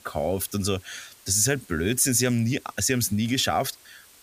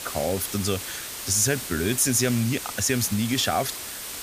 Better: first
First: hiss; faint; throughout; 25 dB below the speech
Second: hiss; loud; throughout; 8 dB below the speech

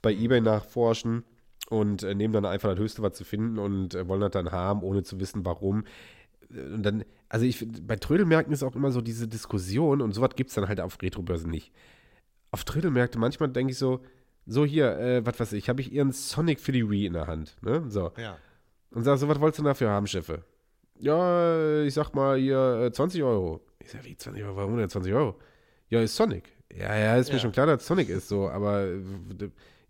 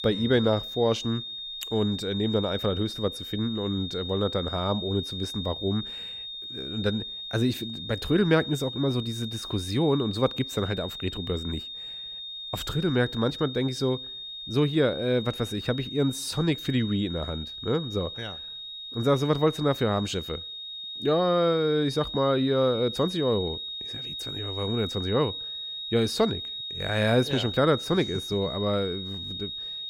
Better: first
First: none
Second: high-pitched whine; loud; throughout; 3.5 kHz, 7 dB below the speech

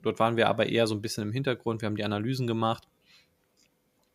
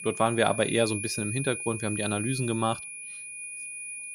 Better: first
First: none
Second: high-pitched whine; loud; throughout; 2.5 kHz, 6 dB below the speech

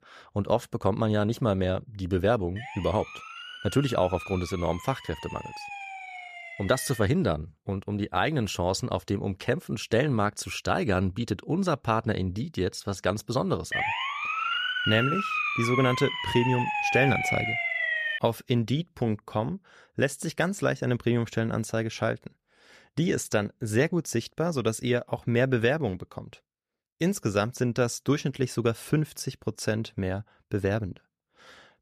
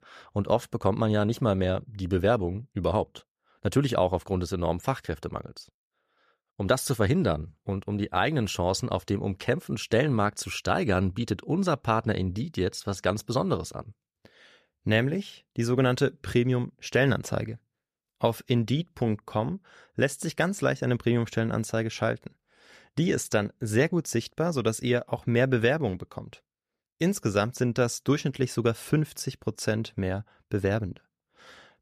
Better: second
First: siren; noticeable; from 2.5 to 7 s; peak 10 dB below the speech // siren; loud; from 14 to 18 s; peak 3 dB above the speech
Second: none

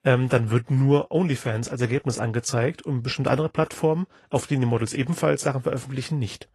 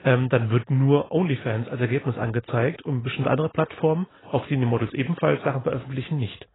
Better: first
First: garbled, watery; slightly; nothing above 11.5 kHz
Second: garbled, watery; badly; nothing above 4 kHz

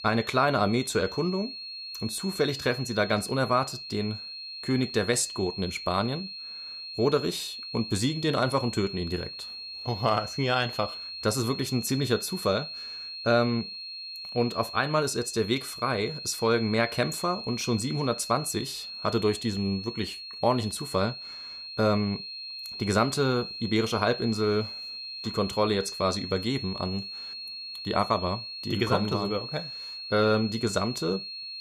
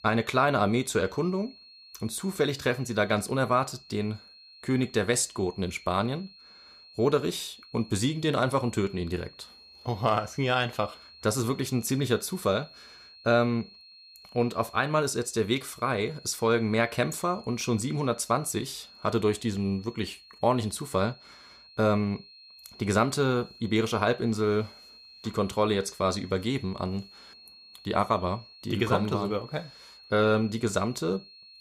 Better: second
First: high-pitched whine; loud; throughout; 4.5 kHz, 8 dB below the speech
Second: high-pitched whine; faint; throughout; 4.5 kHz, 20 dB below the speech

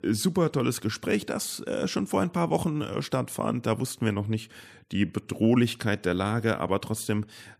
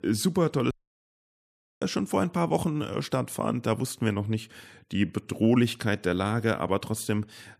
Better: first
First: none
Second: audio cutting out; at 0.5 s for 1 s

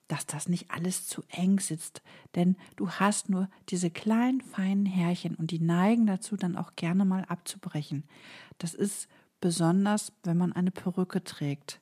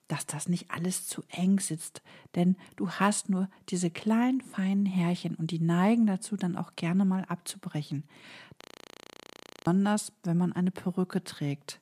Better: first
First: none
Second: audio freezing; at 8.5 s for 1 s

